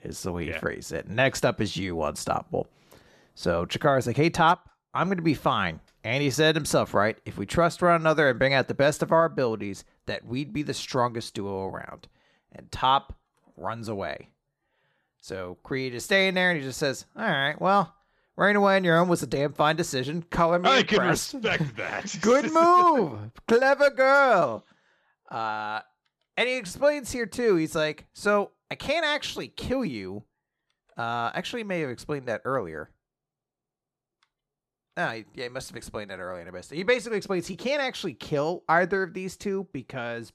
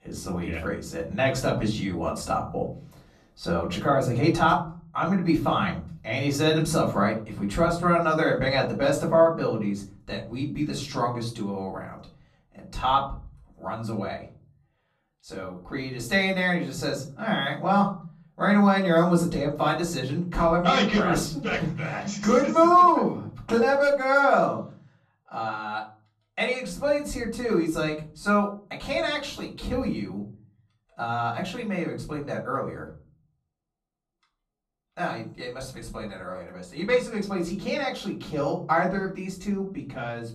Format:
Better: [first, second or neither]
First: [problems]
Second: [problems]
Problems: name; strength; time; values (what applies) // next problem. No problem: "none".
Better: first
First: none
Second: off-mic speech; far // room echo; slight; dies away in 0.5 s